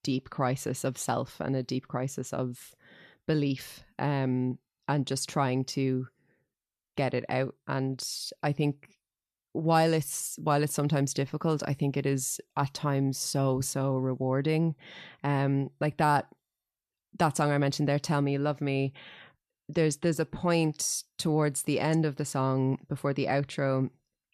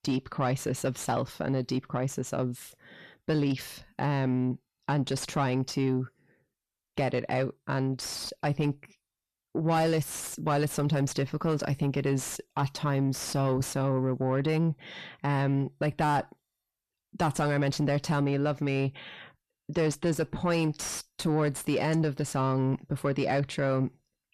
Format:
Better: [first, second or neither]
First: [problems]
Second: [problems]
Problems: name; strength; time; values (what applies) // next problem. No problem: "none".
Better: first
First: none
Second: distortion; slight; 10 dB below the speech